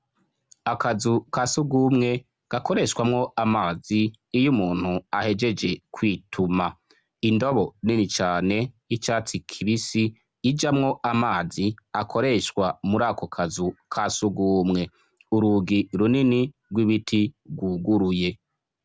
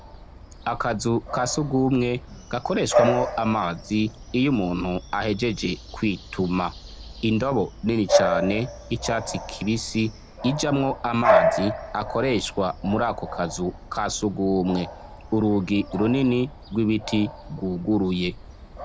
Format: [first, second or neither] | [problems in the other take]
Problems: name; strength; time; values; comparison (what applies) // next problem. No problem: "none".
first | background sound (Bark / Bird vocalization, bird call, bird song); 5 dB below the speech